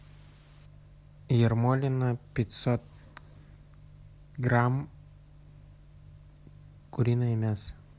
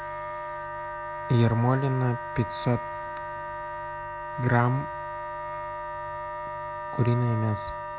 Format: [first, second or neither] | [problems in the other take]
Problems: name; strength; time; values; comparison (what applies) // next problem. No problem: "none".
first | background sound (Wind instrument, woodwind instrument); 6 dB below the speech